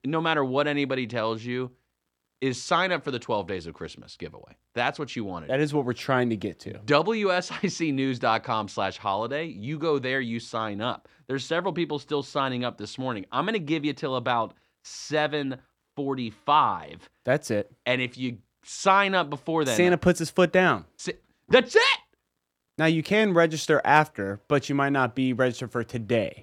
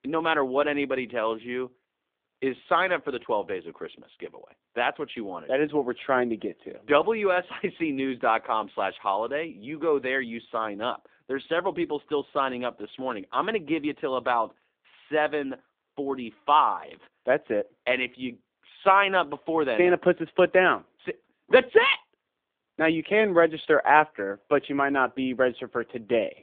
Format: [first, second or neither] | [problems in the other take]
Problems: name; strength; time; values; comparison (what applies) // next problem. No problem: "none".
first | phone-call audio; nothing above 3.5 kHz